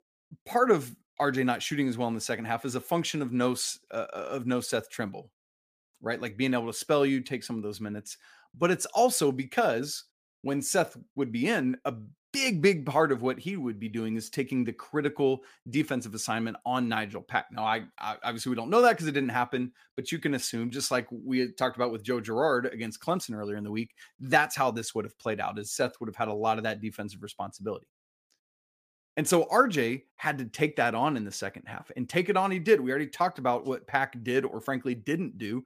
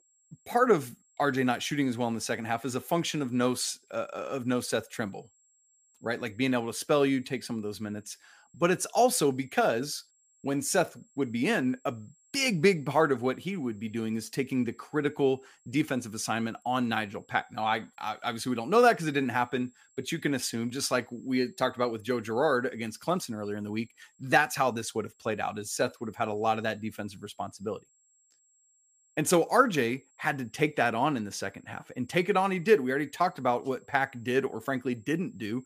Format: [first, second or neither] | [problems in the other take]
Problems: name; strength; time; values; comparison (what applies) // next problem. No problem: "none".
first | high-pitched whine; faint; throughout; 7.5 kHz, 35 dB below the speech